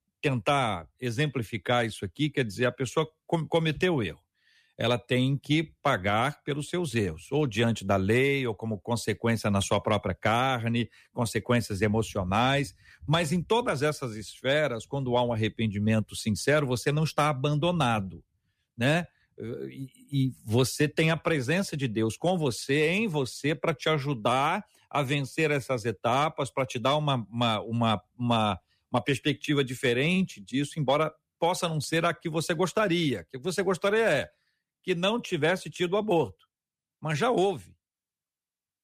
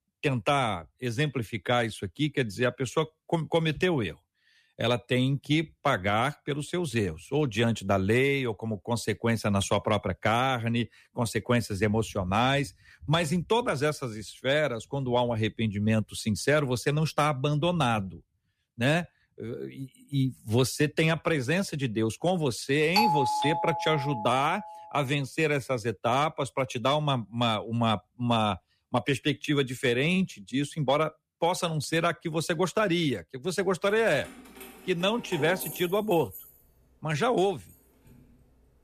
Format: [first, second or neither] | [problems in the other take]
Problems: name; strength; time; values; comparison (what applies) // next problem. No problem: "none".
first | doorbell; loud; from 23 to 25 s; peak 3 dB above the speech // jangling keys; noticeable; from 34 to 38 s; peak 8 dB below the speech